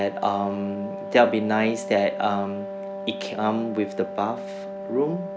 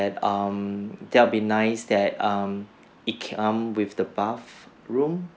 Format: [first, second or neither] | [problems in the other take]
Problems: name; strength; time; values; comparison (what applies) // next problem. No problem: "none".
second | background sound (Wind instrument, woodwind instrument); 8 dB below the speech